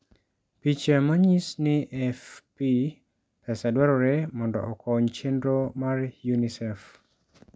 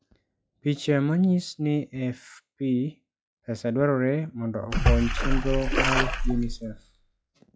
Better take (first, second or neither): first